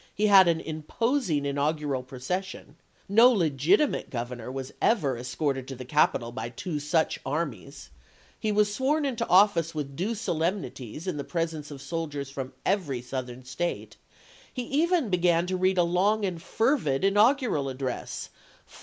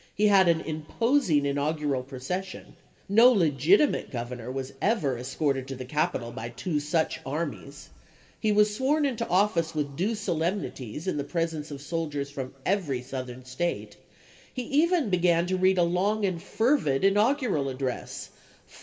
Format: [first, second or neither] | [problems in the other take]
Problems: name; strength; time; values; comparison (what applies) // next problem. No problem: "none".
first | room echo; dies away in 1.3 s